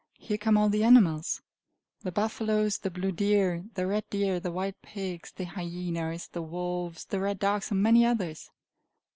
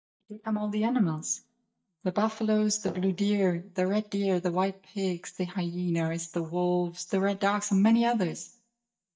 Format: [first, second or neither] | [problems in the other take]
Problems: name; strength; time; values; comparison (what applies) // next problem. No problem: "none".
first | noise reduction (neural mask model DeepFilterNet 3)